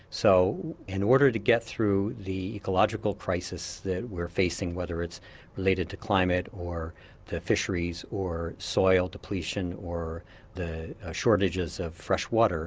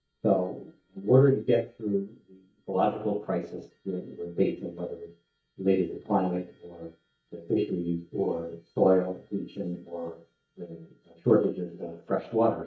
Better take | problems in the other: first | noise reduction (neural mask model DeepFilterNet 3)

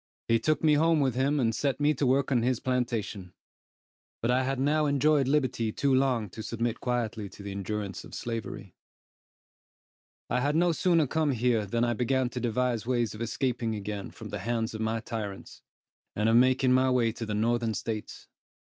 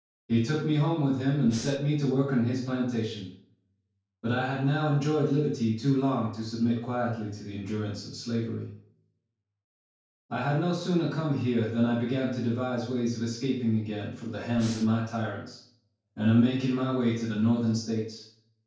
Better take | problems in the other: first | noise reduction (neural separator model SepFormer DNS4)

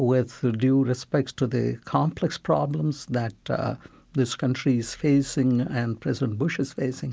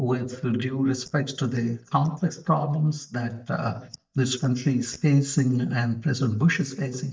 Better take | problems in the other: first | noise reduction (neural mask model DeepFilterNet 3)

